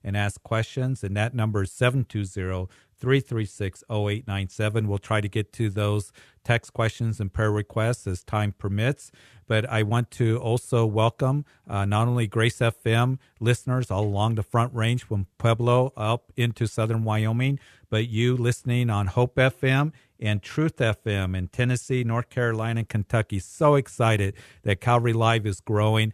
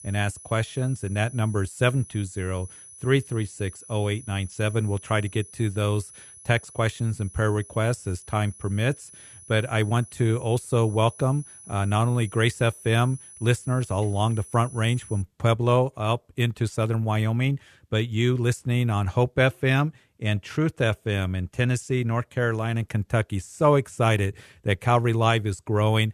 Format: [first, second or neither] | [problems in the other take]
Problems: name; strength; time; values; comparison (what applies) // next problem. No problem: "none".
first | high-pitched whine; noticeable; until 15 s; 10 kHz, 20 dB below the speech